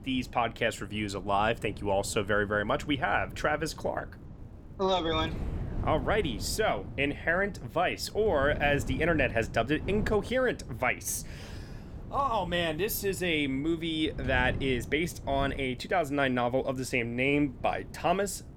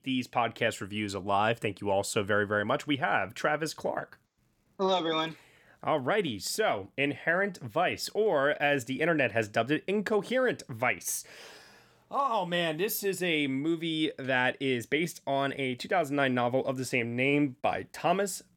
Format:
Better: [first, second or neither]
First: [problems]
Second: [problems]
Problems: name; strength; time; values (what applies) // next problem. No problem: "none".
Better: second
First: wind noise on the microphone; occasional gusts; 20 dB below the speech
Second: none